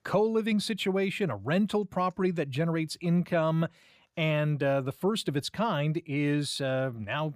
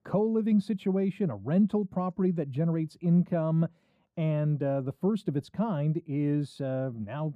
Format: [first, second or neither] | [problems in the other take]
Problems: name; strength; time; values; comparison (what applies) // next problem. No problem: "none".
first | muffled; slightly; fading above 1.5 kHz